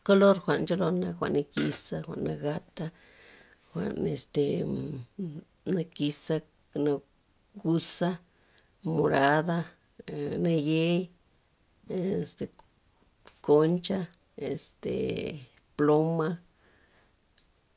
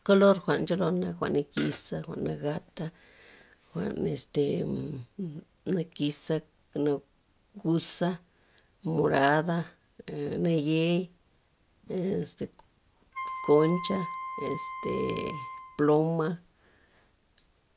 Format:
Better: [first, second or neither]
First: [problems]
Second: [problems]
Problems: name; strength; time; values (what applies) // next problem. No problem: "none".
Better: first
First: none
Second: background sound (Wind instrument, woodwind instrument); 9 dB below the speech